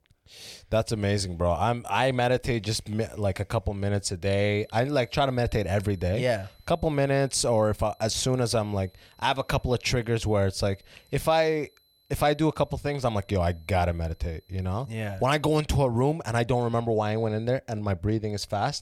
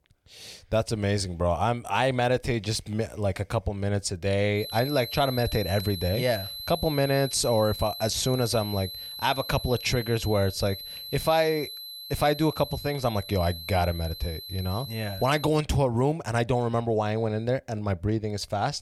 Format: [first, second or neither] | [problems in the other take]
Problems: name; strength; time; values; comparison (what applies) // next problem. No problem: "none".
first | high-pitched whine; loud; from 4.5 to 15 s; 4 kHz, 9 dB below the speech; faint in the first